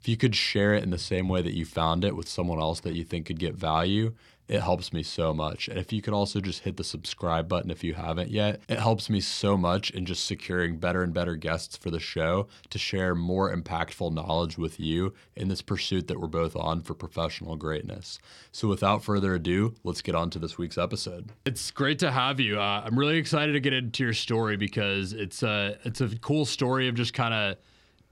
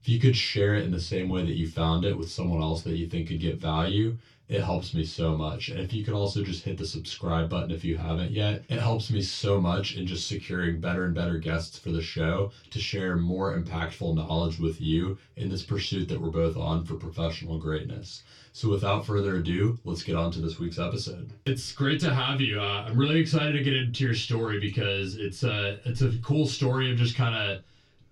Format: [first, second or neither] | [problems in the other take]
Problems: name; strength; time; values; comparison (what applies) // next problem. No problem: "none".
first | room echo; very slight; dies away in 0.1 s // off-mic speech; far